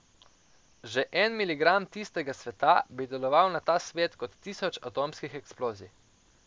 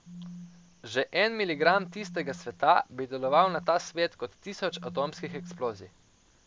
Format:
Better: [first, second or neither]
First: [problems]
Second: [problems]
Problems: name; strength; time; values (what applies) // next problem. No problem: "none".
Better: first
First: none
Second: background sound (Telephone); 17 dB below the speech